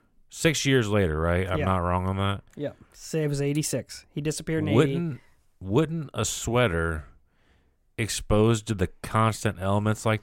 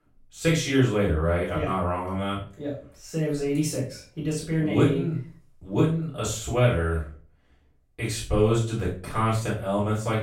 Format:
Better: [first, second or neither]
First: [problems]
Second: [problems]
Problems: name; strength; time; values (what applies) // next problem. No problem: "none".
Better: first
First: none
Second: off-mic speech; far // room echo; noticeable; dies away in 0.3 s